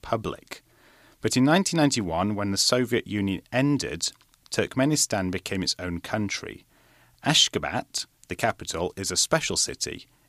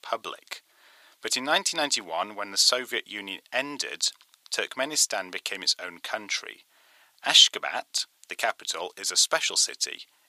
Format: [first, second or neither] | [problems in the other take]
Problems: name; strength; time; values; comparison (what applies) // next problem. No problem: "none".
first | thin; very; fading below 700 Hz